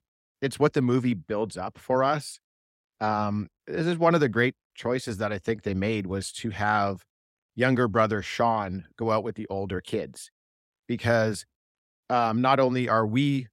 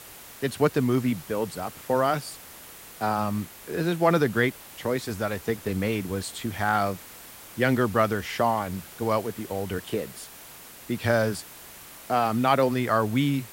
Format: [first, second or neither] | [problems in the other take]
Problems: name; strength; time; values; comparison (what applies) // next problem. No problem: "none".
first | hiss; noticeable; throughout; 15 dB below the speech